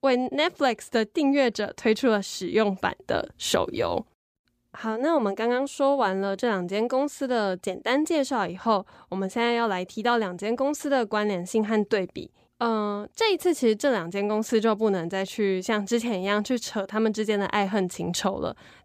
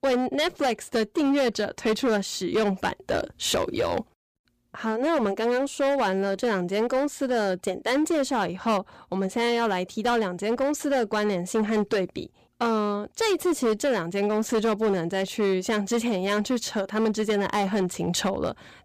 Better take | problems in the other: first | distortion; slight; 11% of the sound clipped

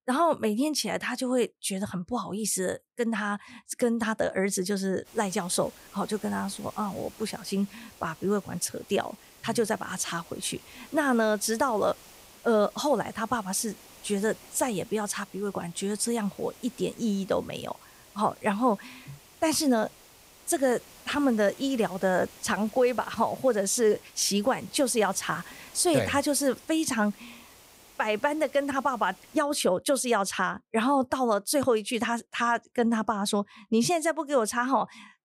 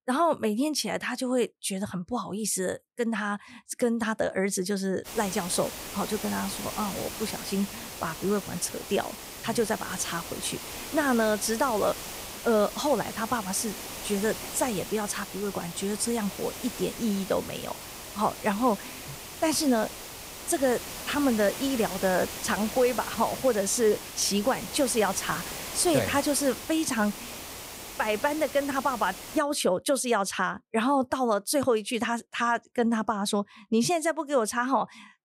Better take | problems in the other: first | hiss; loud; from 5 to 29 s; 9 dB below the speech; faint in the first

